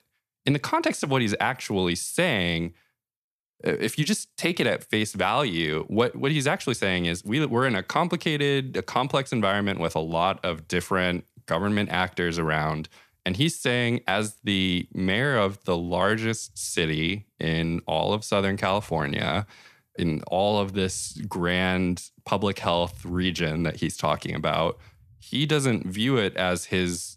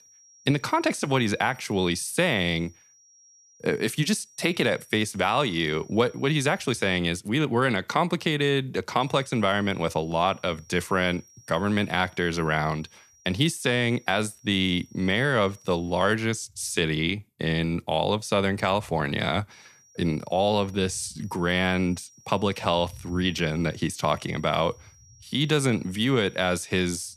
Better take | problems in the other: first | high-pitched whine; faint; until 7 s, from 9 to 16 s and from 20 s on; 5.5 kHz, 30 dB below the speech

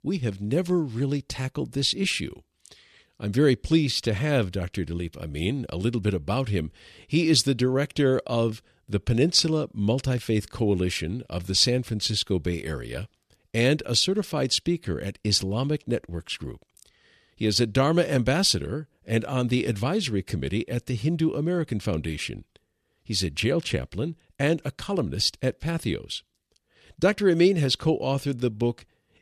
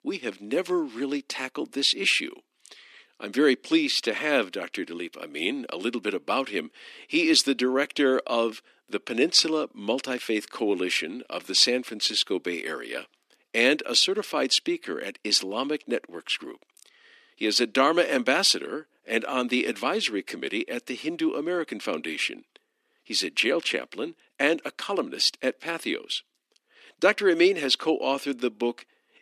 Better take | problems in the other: first | thin; somewhat; fading below 250 Hz

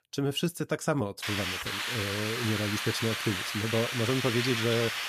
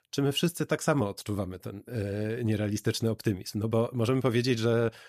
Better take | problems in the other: second | hiss; loud; from 1 s on; as loud as the speech

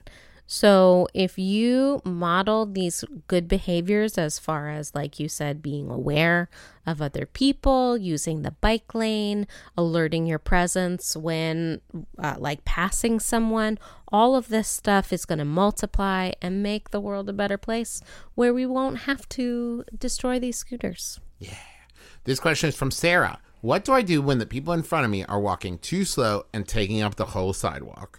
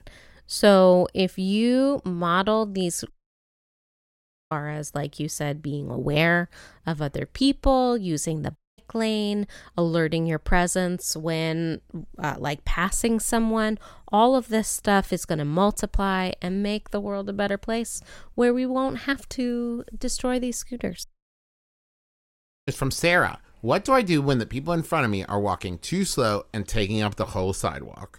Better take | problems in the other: first | audio cutting out; at 3 s for 1.5 s, at 8.5 s and at 21 s for 1.5 s

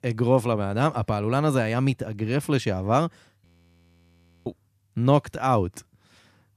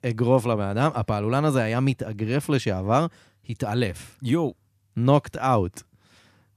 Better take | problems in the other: second | audio freezing; at 3.5 s for 1 s

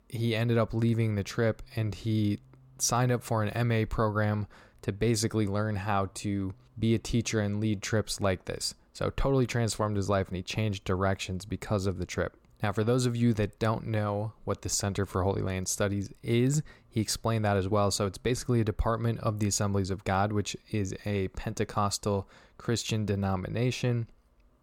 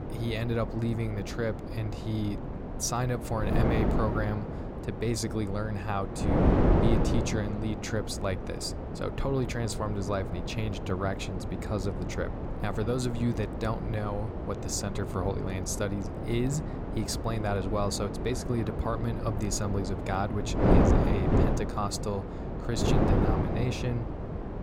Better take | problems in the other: first | wind noise on the microphone; heavy; 1 dB below the speech

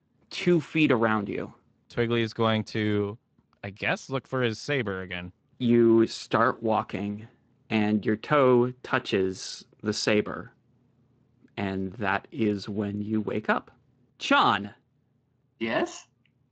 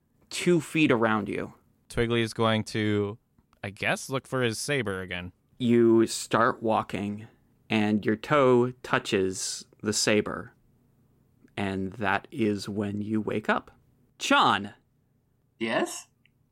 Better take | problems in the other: second | garbled, watery; slightly; nothing above 8 kHz

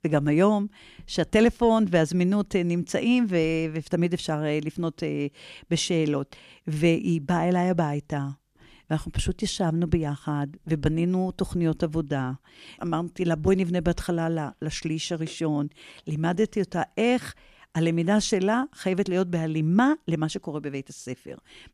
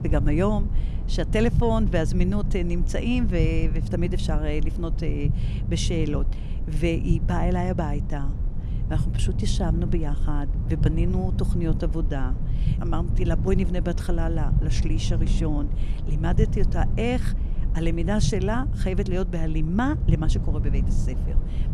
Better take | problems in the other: first | low rumble; loud; throughout; 10 dB below the speech

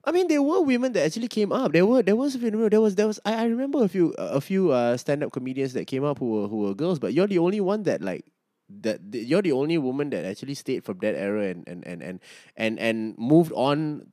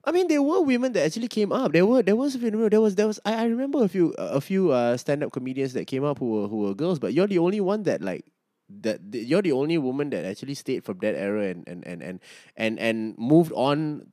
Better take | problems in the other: neither | none

